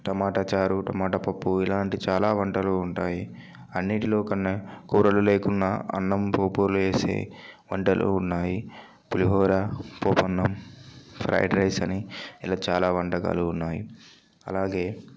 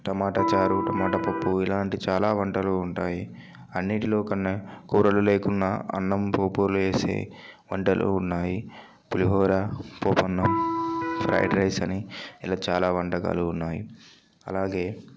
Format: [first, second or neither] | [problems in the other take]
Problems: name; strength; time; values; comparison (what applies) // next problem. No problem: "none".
first | background sound (Electric guitar); 1 dB below the speech